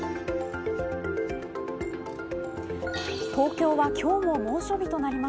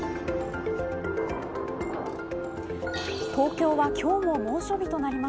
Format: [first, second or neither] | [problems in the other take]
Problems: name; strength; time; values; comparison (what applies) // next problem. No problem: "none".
first | background sound (Thunder / Rain); 12 dB below the speech